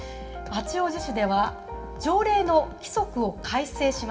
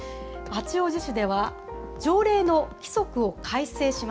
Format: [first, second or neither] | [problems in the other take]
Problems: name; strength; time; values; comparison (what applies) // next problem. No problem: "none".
second | room echo; dies away in 0.9 s